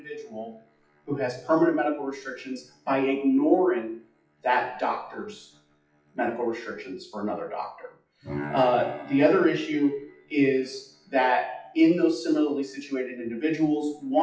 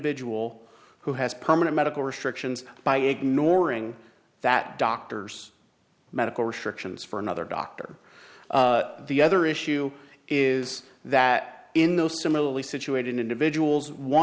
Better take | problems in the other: second | noise reduction (classical method WPE with log-MMSE)

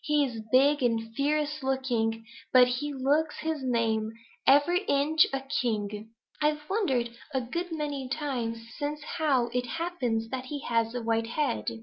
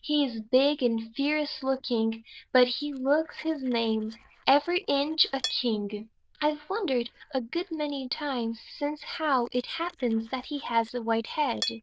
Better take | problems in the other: first | noise reduction (neural diffusion model UNIVERSE++)

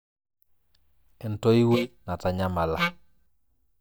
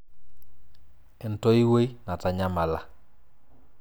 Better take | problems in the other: second | noise reduction (neural mask model DeepFilterNet 3)

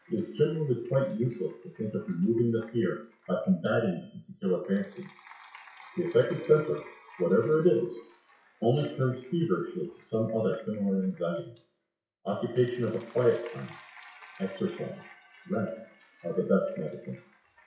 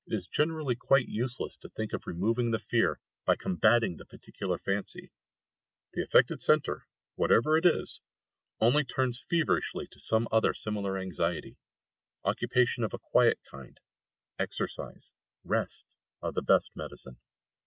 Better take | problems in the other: second | noise reduction (classical method WPE with log-MMSE)

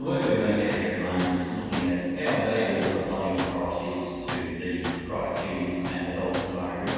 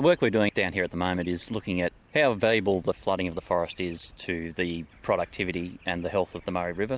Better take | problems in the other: second | background sound (Tools); 11 dB below the speech // room echo; dies away in 2.1 s

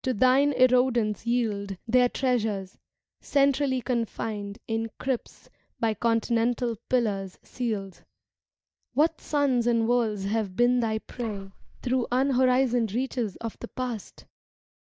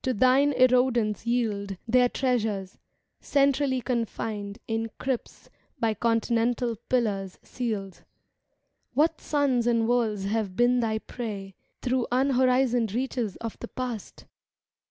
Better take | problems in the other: second | noise reduction (neural mask model DeepFilterNet 3)

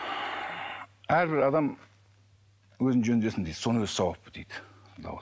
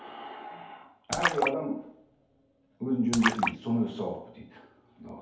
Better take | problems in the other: first | background sound (Splash, splatter); 2 dB below the speech // room echo; dies away in 2.2 s

